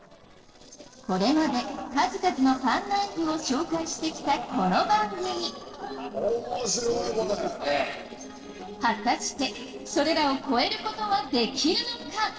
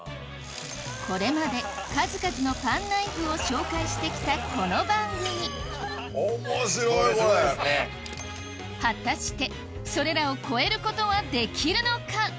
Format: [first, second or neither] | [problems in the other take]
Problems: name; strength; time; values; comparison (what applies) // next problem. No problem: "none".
second | noise reduction (neural separator model SepFormer DNS4)